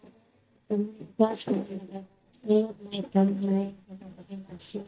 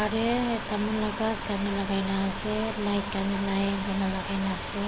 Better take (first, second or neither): second